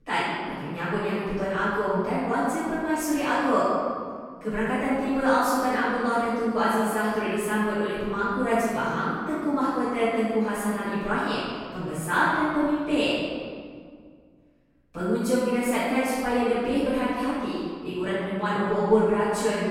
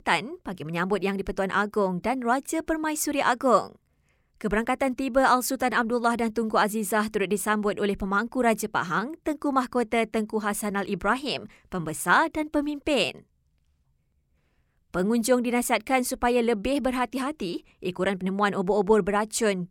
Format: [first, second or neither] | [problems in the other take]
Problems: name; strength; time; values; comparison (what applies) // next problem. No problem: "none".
second | room echo; strong; dies away in 1.9 s // off-mic speech; far